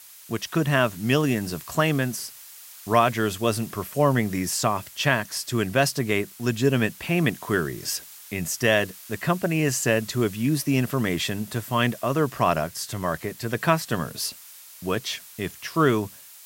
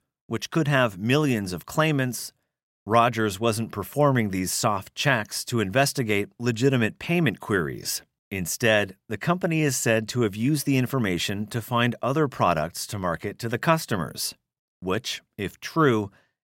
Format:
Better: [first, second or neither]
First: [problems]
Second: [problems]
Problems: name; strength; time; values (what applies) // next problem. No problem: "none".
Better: second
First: hiss; noticeable; throughout; 15 dB below the speech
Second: none